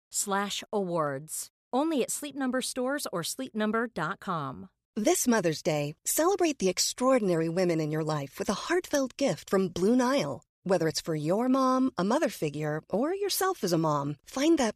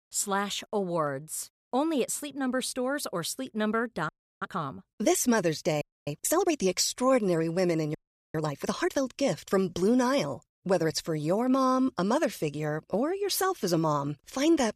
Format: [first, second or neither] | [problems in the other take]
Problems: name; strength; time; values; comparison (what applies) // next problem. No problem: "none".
first | audio freezing; at 4 s, at 6 s and at 8 s